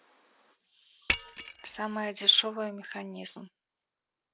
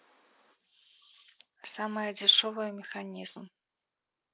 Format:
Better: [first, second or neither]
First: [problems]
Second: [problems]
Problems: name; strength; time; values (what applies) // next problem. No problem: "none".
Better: second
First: background sound (Shatter); 3 dB below the speech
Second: none